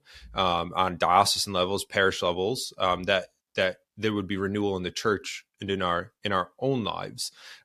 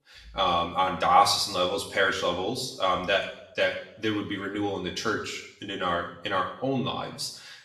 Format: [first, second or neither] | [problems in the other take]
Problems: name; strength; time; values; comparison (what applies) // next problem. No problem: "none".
first | room echo; slight; dies away in 0.7 s // off-mic speech; far